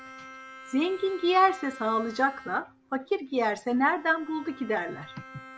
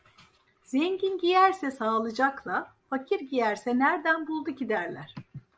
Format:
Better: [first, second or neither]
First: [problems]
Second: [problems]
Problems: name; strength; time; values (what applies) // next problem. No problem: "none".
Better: second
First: background sound (Bowed string instrument); 19 dB below the speech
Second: none